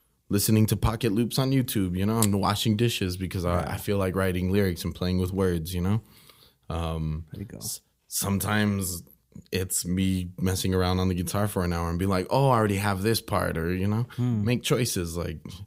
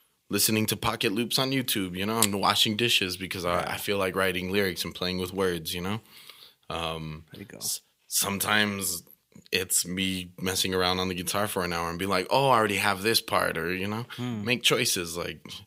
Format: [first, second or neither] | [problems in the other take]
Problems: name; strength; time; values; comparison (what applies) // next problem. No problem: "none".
first | thin; somewhat; fading below 450 Hz